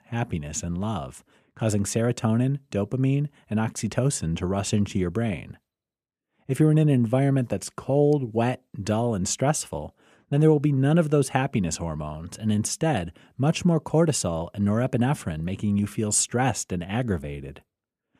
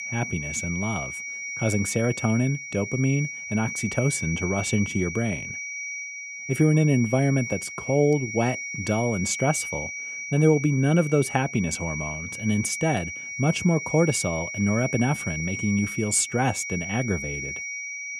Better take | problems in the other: first | high-pitched whine; loud; throughout; 2 kHz, 7 dB below the speech

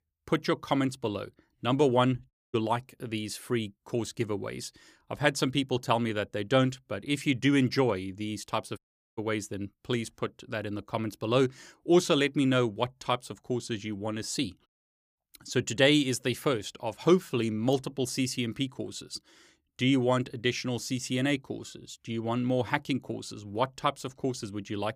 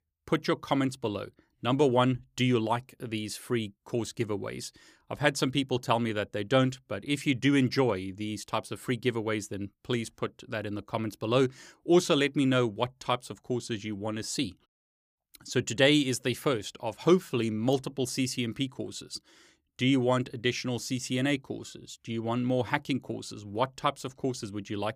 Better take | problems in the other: second | audio cutting out; at 2.5 s and at 9 s

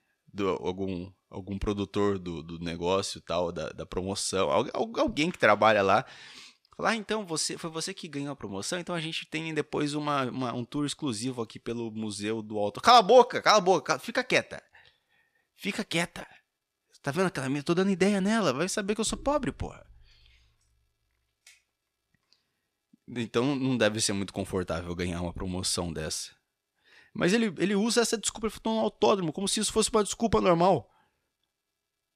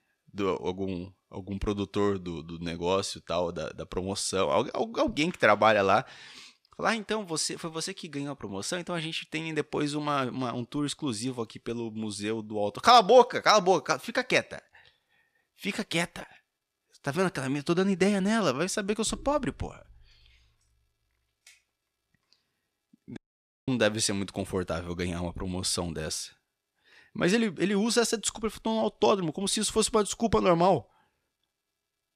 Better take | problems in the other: first | audio cutting out; at 23 s for 0.5 s

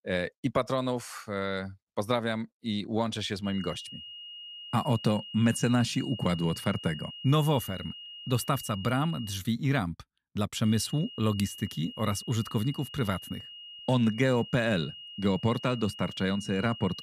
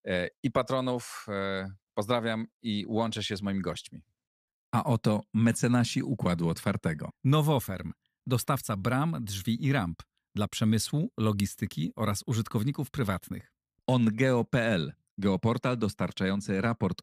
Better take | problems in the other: second | high-pitched whine; noticeable; from 3.5 to 9.5 s and from 11 s on; 3 kHz, 15 dB below the speech

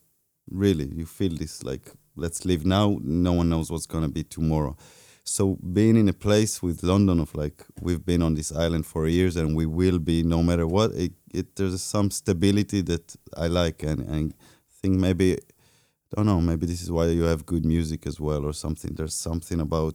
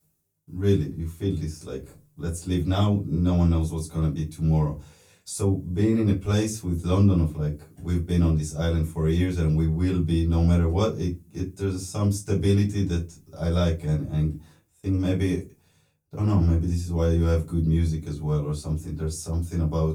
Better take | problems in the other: first | off-mic speech; far // room echo; very slight; dies away in 0.2 s

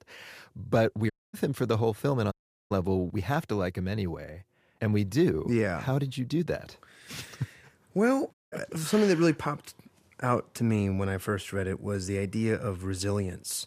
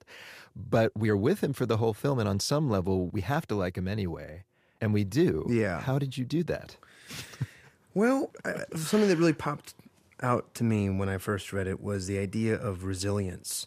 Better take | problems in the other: second | audio cutting out; at 1 s, at 2.5 s and at 8.5 s

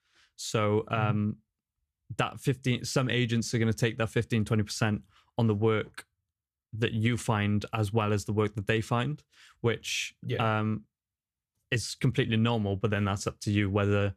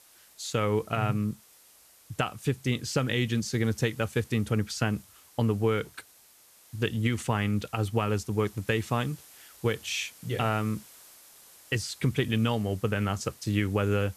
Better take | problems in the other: first | hiss; faint; throughout; 25 dB below the speech

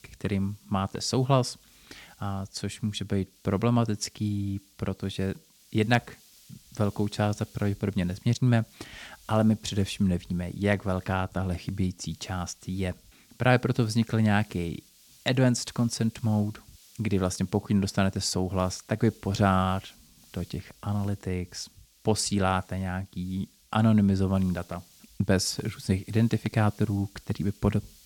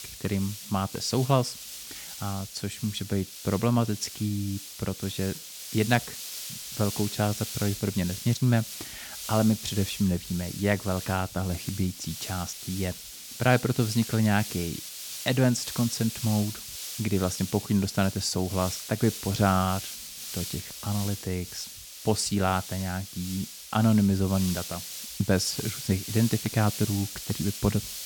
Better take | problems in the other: first | hiss; loud; throughout; 9 dB below the speech; faint in the first

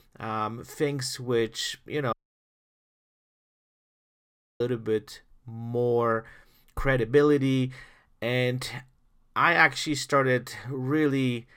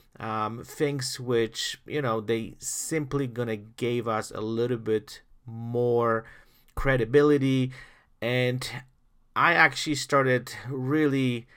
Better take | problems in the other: second | audio cutting out; at 2 s for 2.5 s

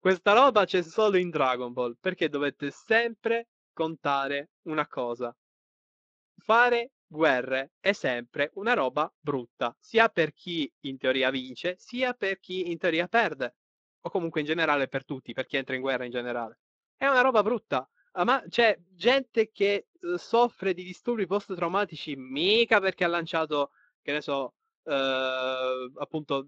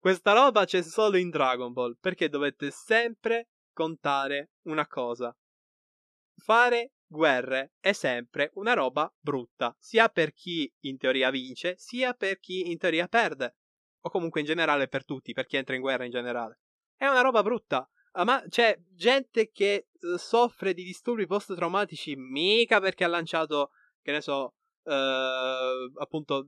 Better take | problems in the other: second | garbled, watery; slightly

